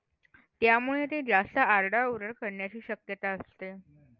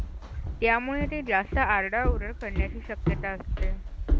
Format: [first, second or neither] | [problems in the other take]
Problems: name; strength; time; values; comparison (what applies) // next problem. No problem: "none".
first | background sound (Walk, footsteps); 1 dB above the speech